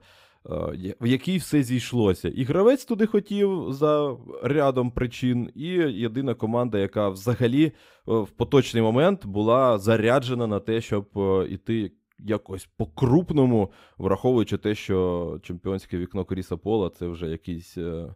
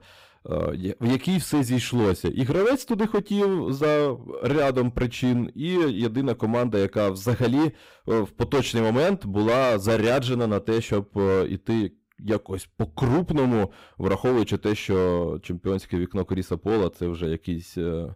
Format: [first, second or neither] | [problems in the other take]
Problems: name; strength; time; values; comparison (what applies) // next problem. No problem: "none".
first | distortion; heavy; 14% of the sound clipped